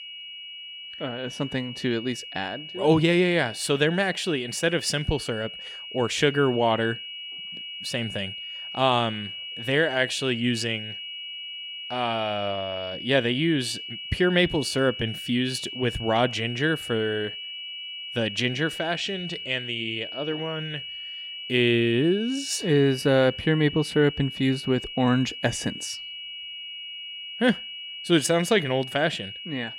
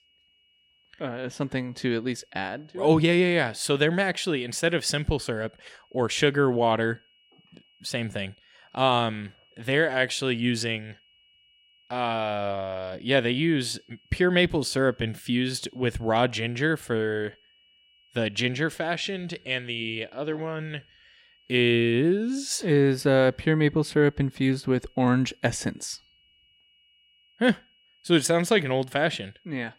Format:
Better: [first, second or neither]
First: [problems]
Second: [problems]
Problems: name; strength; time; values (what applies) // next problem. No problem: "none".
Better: second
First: high-pitched whine; loud; throughout; 3 kHz, 9 dB below the speech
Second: high-pitched whine; faint; throughout; 3 kHz, 35 dB below the speech